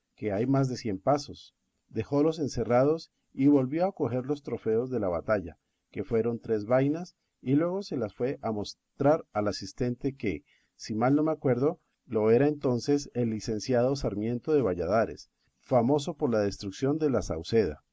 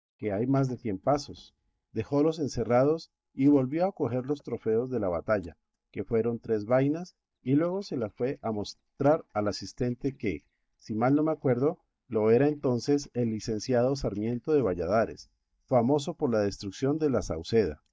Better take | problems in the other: first | noise reduction (neural mask model DeepFilterNet 3)

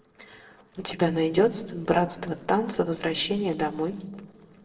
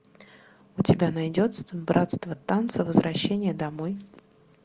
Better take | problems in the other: second | noise reduction (neural separator model SepFormer DNS4)

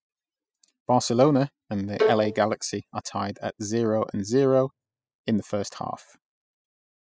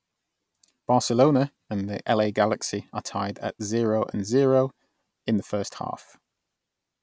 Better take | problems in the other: second | noise reduction (classical method spectral subtraction)

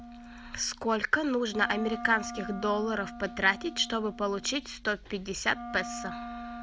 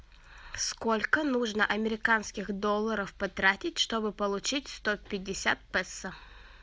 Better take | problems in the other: second | background sound (Wind instrument, woodwind instrument); 12 dB below the speech

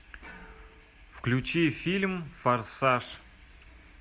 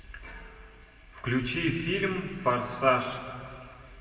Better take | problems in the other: first | room echo; dies away in 2 s

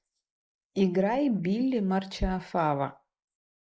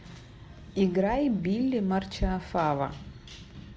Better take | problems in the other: second | noise reduction (neural mask model Resemble Enhance denoiser)

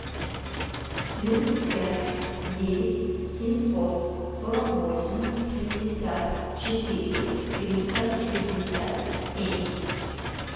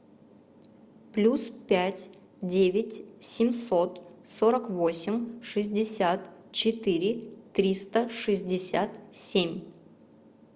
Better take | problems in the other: second | background sound (Engine / Mechanisms); 5 dB below the speech // room echo; dies away in 2.1 s

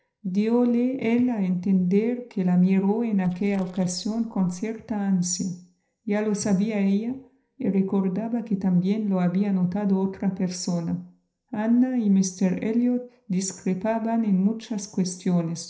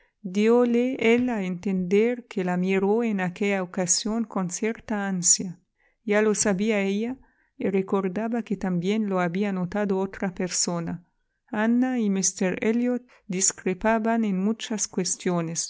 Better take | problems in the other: second | noise reduction (neural separator model SepFormer DNS4)

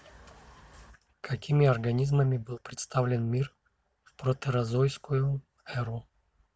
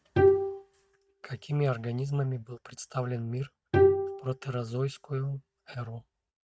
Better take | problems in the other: first | noise reduction (neural mask model RNNoise)

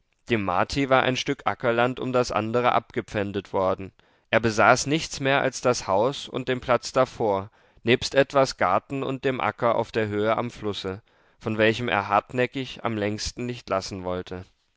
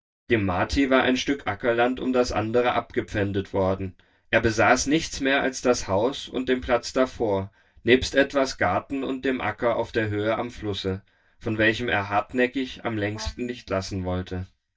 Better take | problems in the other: first | noise reduction (neural mask model DeepFilterNet 3)

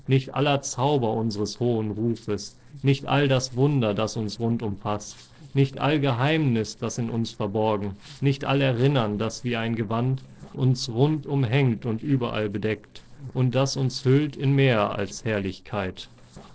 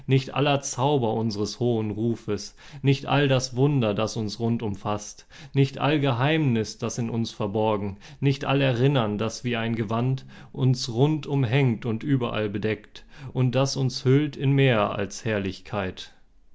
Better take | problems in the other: second | noise reduction (neural separator model SepFormer DNS4)

